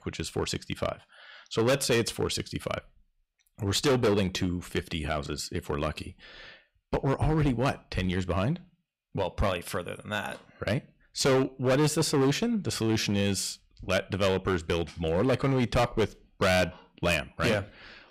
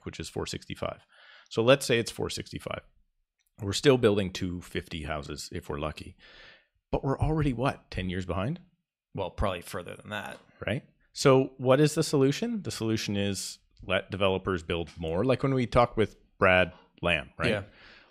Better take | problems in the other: second | distortion; heavy; 8% of the sound clipped

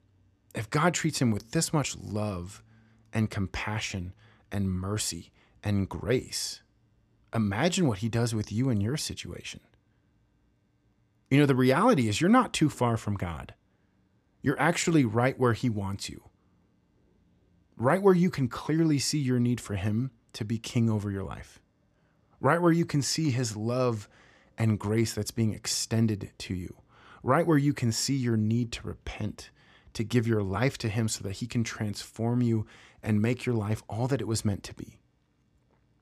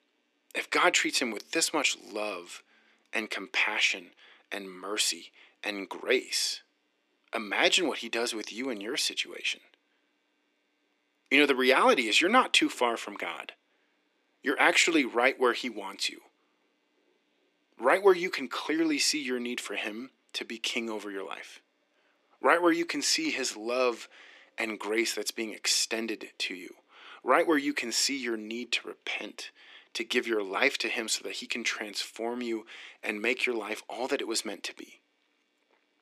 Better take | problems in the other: first | thin; somewhat; fading below 300 Hz

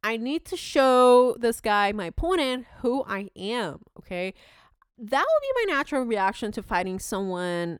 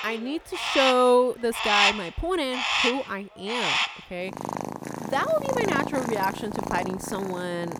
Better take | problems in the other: first | animal sounds; loud; throughout; as loud as the speech

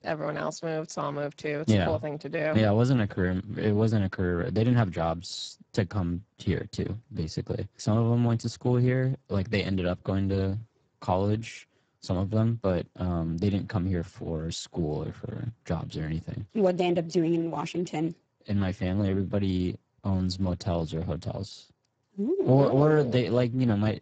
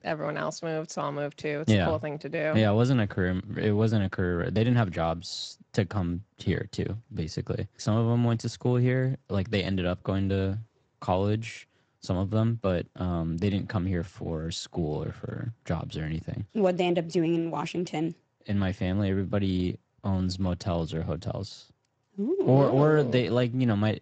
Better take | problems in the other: second | garbled, watery; badly; nothing above 7.5 kHz; slightly in the second

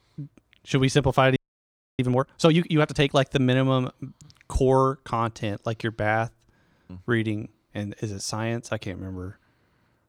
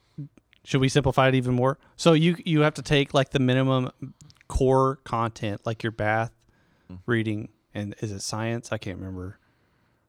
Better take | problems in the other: second | audio freezing; at 1.5 s for 0.5 s

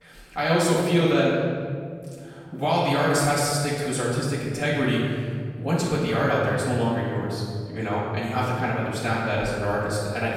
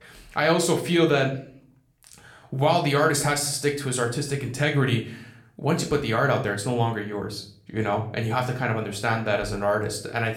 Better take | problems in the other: second | room echo; strong; dies away in 2 s; slight in the second // off-mic speech; far; somewhat distant in the second

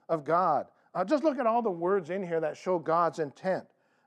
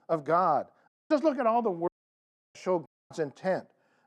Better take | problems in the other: first | audio cutting out; at 1 s, at 2 s for 0.5 s and at 3 s

